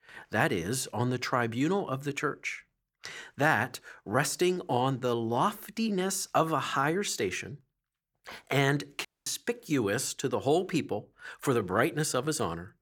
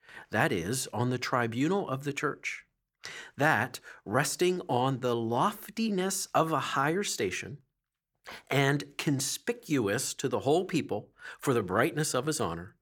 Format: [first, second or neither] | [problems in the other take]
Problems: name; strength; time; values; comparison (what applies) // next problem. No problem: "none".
second | audio cutting out; at 9 s